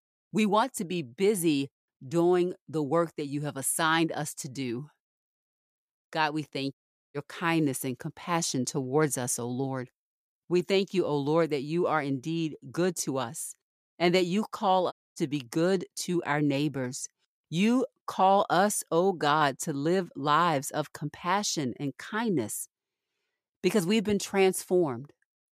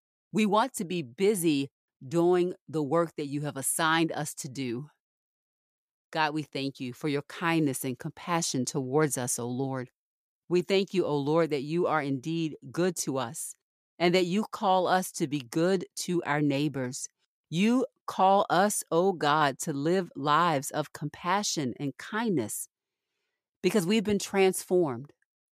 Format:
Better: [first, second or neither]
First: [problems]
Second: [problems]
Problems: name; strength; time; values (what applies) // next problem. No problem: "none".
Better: second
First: audio cutting out; at 6.5 s and at 15 s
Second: none